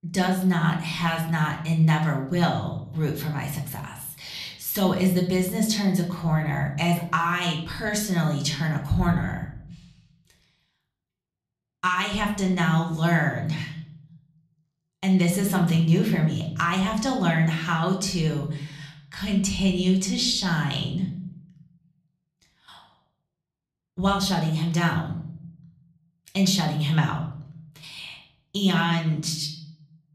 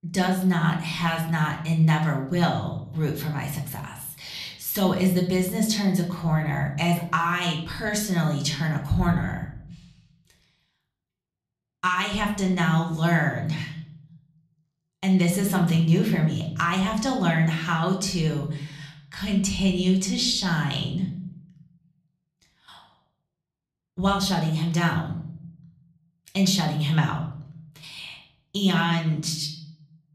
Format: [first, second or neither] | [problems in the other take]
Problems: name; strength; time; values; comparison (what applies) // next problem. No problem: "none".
neither | room echo; slight; dies away in 0.7 s; the same in both // off-mic speech; somewhat distant; the same in both